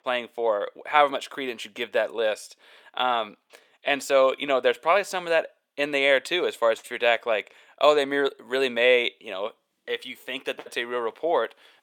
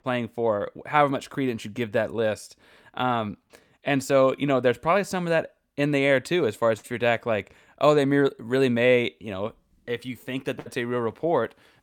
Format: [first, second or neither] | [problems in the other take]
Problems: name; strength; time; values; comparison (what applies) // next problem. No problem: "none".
second | thin; somewhat; fading below 550 Hz